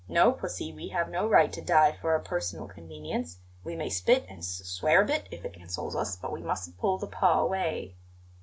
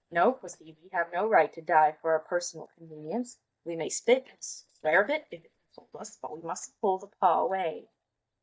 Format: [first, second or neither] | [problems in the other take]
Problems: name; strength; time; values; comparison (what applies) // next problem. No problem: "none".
first | noise reduction (neural mask model DeepFilterNet 3)